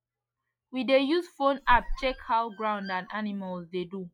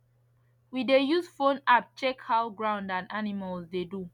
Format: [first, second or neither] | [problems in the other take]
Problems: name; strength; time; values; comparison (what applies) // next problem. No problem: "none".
second | noise reduction (classical method log-MMSE)